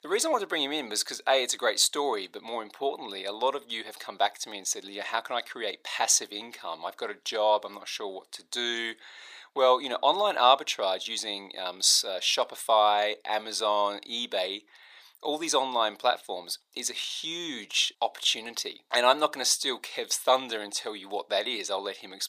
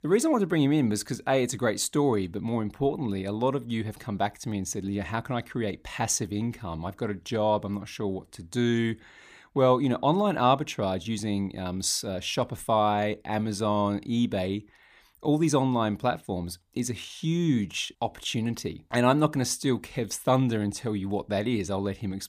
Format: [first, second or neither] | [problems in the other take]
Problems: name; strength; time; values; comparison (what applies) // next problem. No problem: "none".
second | thin; very; fading below 550 Hz